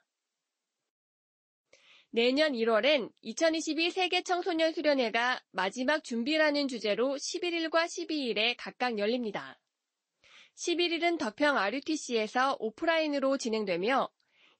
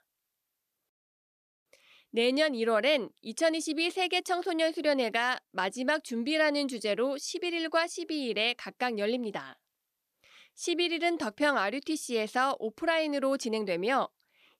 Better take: second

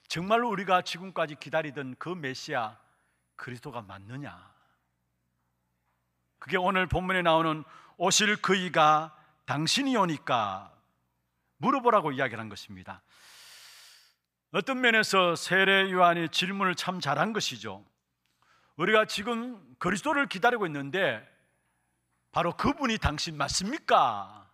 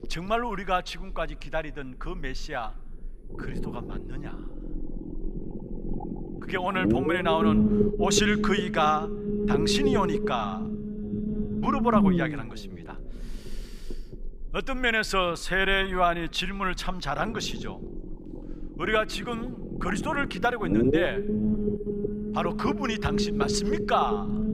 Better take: first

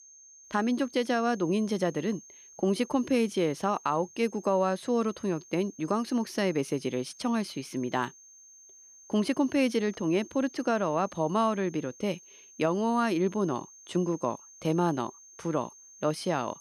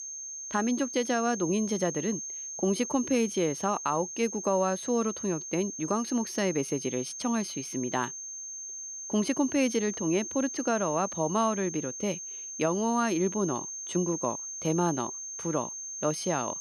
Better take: first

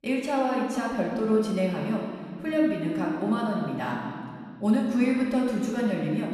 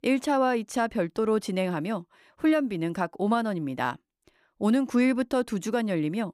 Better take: second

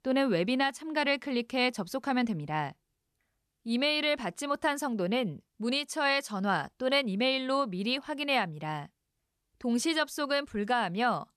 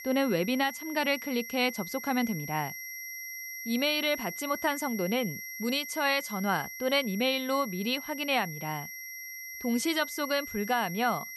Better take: first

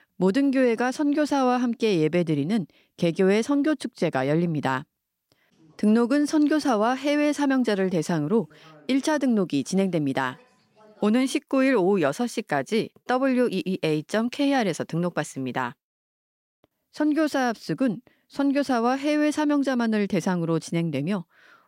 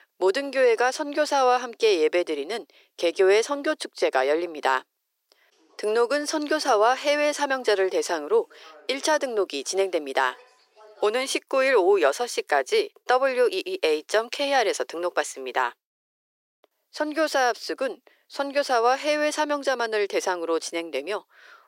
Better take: first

